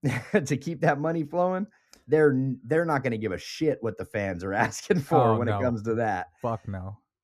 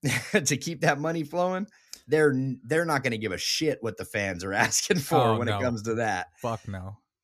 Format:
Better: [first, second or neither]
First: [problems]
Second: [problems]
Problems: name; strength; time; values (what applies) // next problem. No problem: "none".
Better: second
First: muffled; slightly; fading above 2 kHz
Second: none